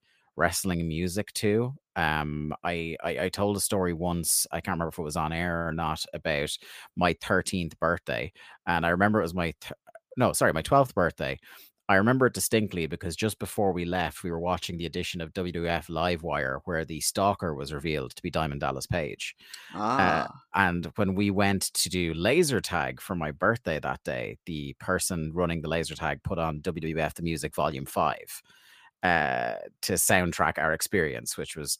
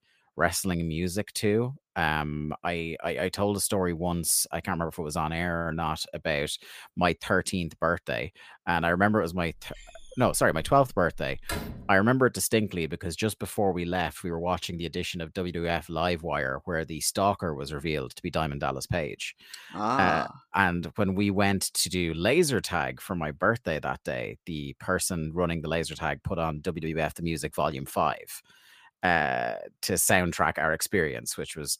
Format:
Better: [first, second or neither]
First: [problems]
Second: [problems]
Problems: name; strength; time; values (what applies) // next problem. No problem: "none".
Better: first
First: none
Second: door banging; noticeable; from 9.5 to 12 s; peak 7 dB below the speech